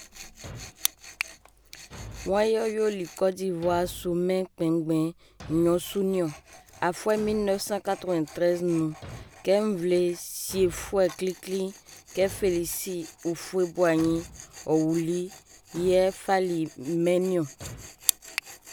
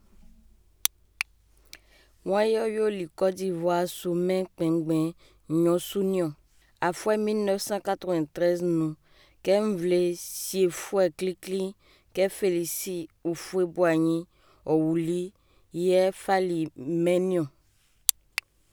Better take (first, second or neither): second